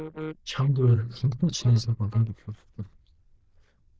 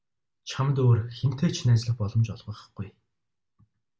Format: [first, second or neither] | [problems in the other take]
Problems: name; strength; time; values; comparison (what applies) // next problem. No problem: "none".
second | noise reduction (neural diffusion model UNIVERSE++)